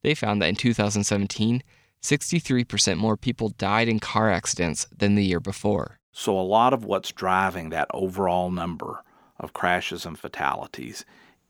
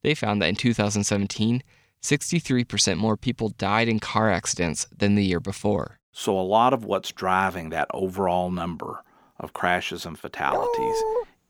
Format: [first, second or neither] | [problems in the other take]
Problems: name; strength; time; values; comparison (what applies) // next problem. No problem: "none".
first | dog barking; noticeable; at 10 s; peak level with the speech